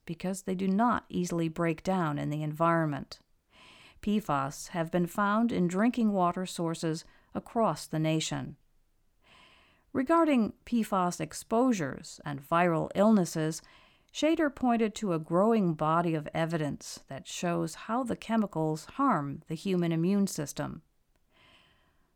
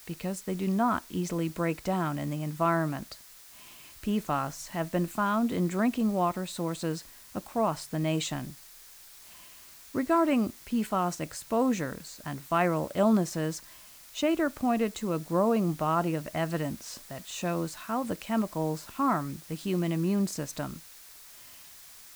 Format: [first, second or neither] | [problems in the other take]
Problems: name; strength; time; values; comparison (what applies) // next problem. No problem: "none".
first | hiss; noticeable; throughout; 20 dB below the speech